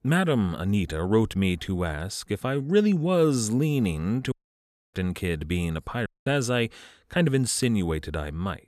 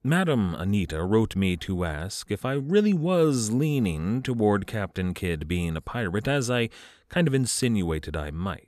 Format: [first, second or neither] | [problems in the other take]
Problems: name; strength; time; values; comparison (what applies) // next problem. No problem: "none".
second | audio cutting out; at 4.5 s for 0.5 s and at 6 s